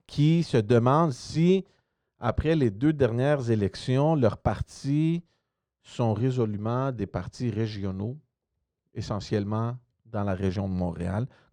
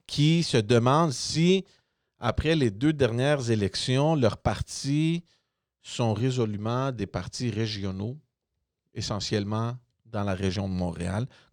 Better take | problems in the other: second | muffled; slightly; fading above 2 kHz

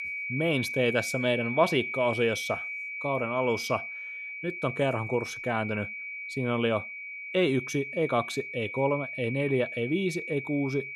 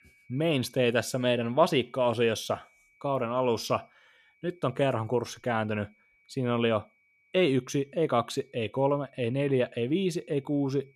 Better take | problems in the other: second | high-pitched whine; loud; throughout; 2.5 kHz, 5 dB below the speech; faint in the second

